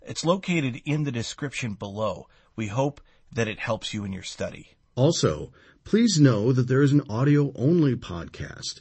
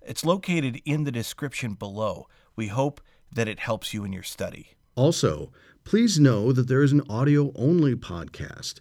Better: second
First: garbled, watery; slightly; nothing above 8 kHz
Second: none

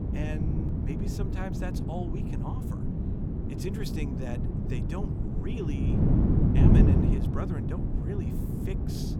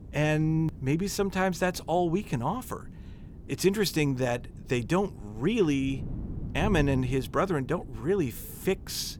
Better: second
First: wind noise on the microphone; heavy; 4 dB above the speech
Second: wind noise on the microphone; occasional gusts; 20 dB below the speech

